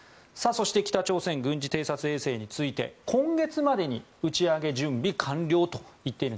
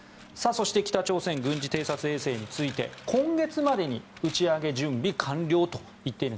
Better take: first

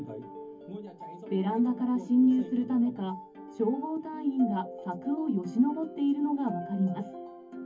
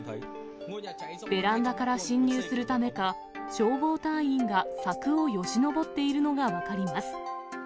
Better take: second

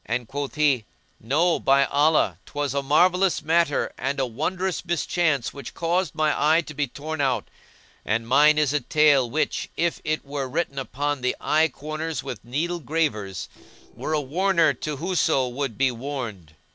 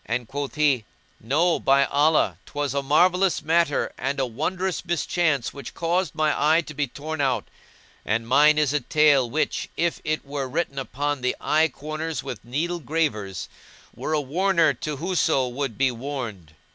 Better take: second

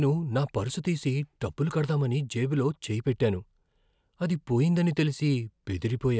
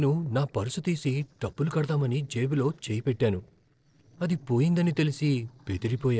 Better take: first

